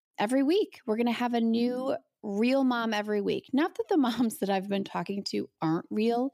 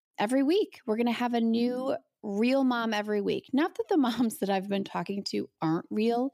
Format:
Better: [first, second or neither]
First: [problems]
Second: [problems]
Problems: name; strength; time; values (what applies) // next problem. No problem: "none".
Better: neither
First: none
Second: none